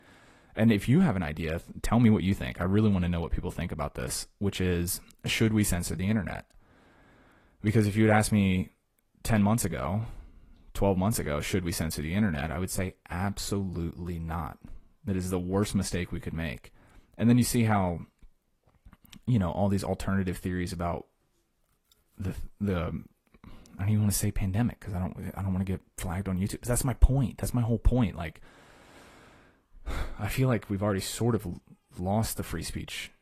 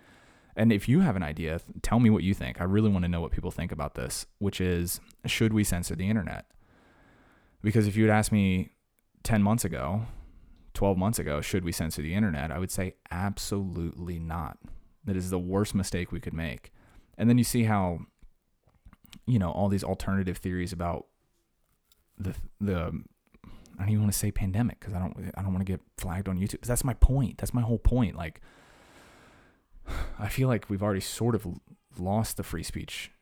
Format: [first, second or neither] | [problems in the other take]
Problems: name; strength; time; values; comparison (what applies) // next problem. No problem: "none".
second | garbled, watery; slightly; nothing above 13.5 kHz